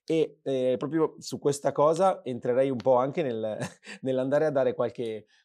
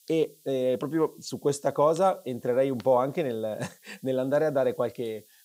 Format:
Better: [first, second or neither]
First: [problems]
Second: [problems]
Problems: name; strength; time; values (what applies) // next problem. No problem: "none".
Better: first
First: none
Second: hiss; faint; throughout; 30 dB below the speech